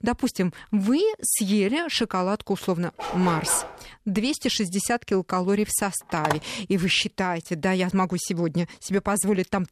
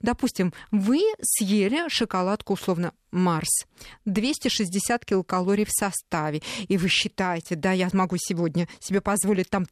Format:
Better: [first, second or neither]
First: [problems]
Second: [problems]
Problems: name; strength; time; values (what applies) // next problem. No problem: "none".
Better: second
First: dog barking; noticeable; at 3 s; peak 6 dB below the speech // phone ringing; noticeable; at 6 s; peak 4 dB below the speech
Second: none